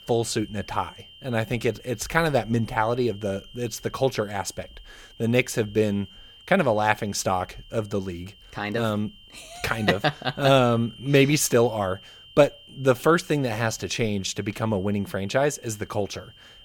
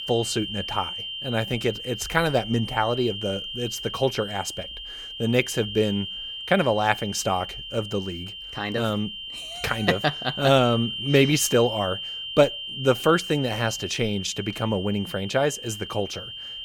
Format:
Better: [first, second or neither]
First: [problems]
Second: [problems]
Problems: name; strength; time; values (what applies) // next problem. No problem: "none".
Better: first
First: high-pitched whine; faint; throughout; 3 kHz, 25 dB below the speech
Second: high-pitched whine; loud; throughout; 3 kHz, 8 dB below the speech